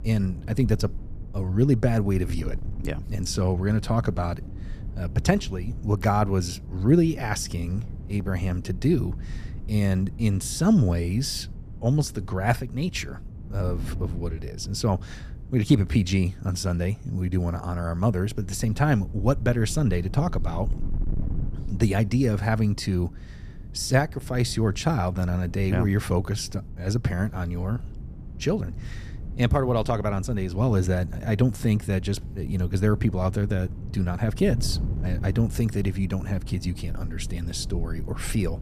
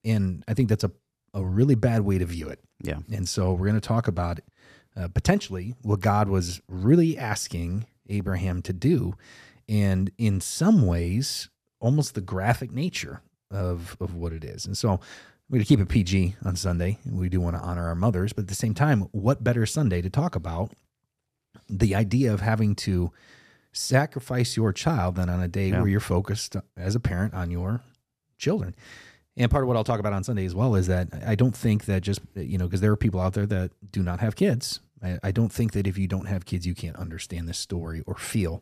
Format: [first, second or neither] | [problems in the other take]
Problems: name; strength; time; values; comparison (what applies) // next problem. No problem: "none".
second | wind noise on the microphone; occasional gusts; 20 dB below the speech